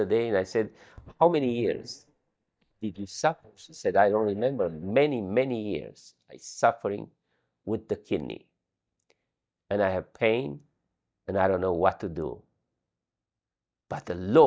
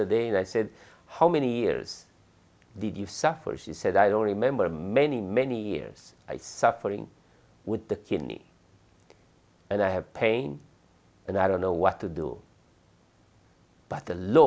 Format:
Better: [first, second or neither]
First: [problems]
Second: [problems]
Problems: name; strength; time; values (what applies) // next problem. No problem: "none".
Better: second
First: noise reduction (neural mask model DeepFilterNet 3)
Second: none